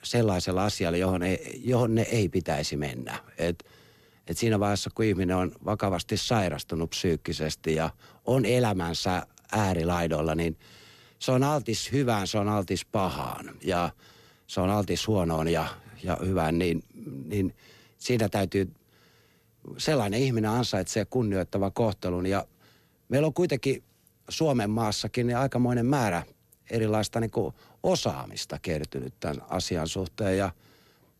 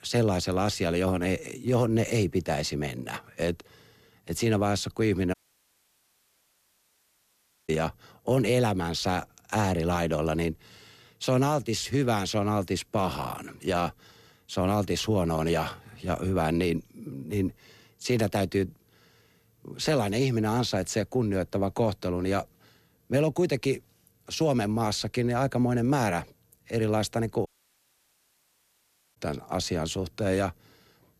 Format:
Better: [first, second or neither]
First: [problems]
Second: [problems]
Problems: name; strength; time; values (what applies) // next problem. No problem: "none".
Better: first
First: none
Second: audio cutting out; at 5.5 s for 2.5 s and at 27 s for 1.5 s